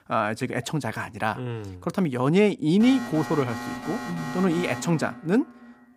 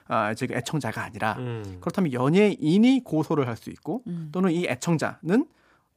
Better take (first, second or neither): second